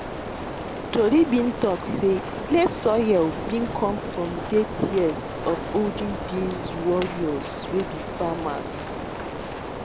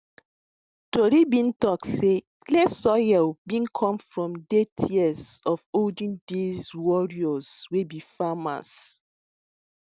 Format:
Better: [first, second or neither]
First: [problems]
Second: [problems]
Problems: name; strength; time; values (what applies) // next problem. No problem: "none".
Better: second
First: background sound (Rain); 6 dB below the speech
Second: none